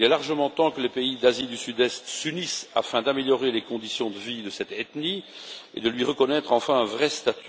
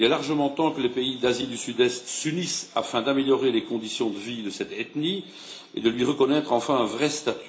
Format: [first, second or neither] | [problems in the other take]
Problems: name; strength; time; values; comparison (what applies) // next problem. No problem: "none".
first | room echo; dies away in 0.4 s